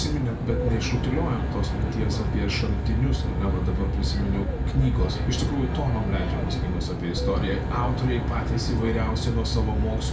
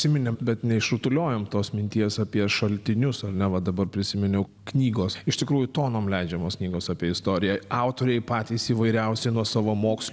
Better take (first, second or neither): second